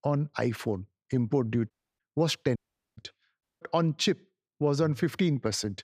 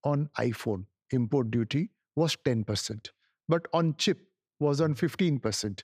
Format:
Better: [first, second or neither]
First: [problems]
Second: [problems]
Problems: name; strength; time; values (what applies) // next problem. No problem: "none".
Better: second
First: audio cutting out; at 1.5 s, at 2.5 s and at 3.5 s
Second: none